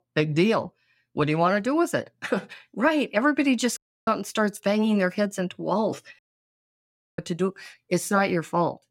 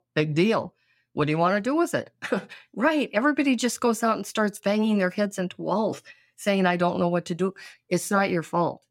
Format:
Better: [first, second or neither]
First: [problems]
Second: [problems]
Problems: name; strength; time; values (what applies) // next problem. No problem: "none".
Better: second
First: audio cutting out; at 4 s and at 6 s for 1 s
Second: none